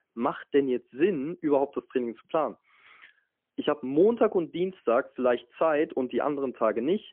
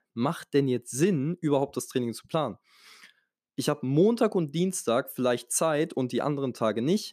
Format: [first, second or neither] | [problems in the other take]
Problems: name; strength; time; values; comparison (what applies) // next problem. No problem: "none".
second | phone-call audio; poor line; nothing above 3.5 kHz